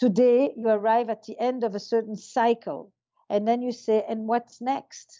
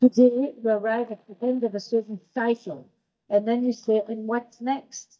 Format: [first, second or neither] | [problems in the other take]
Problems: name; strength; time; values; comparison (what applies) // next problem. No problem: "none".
first | noise reduction (neural mask model DeepFilterNet 3)